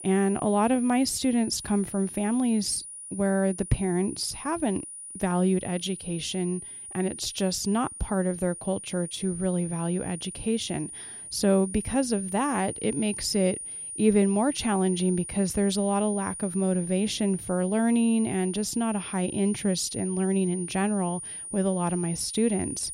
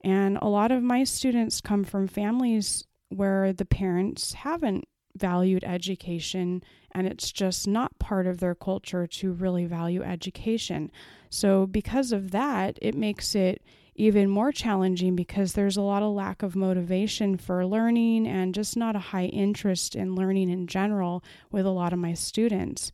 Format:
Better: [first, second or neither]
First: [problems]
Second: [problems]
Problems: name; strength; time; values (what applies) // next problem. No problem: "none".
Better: second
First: high-pitched whine; loud; throughout; 9.5 kHz, 10 dB below the speech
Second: none